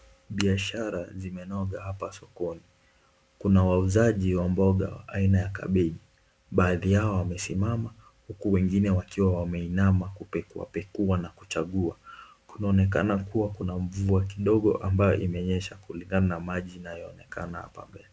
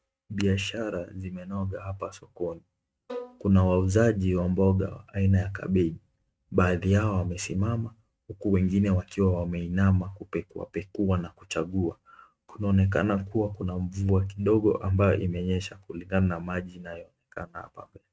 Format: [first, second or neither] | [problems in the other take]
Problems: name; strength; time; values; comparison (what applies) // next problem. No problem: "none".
first | noise reduction (neural mask model RNNoise)